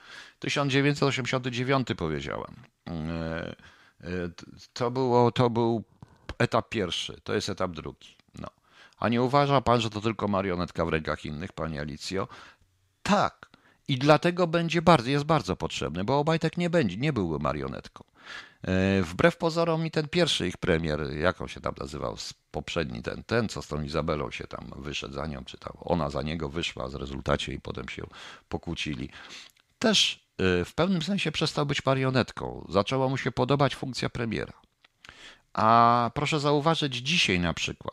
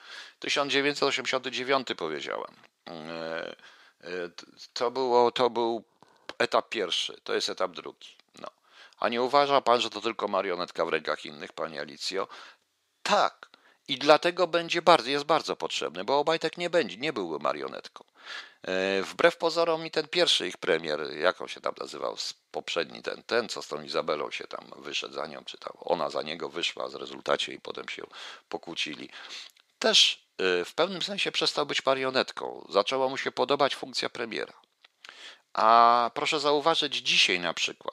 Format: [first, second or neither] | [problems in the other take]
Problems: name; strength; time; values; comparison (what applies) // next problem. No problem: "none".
first | thin; somewhat; fading below 450 Hz